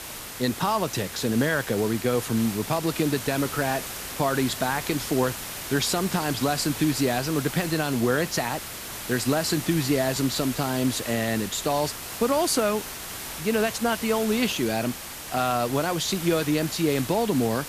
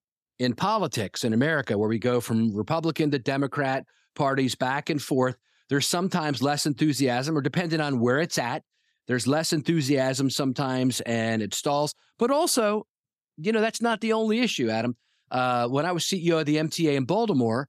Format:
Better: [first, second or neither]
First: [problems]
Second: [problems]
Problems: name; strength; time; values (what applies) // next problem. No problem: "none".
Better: second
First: hiss; loud; throughout; 8 dB below the speech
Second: none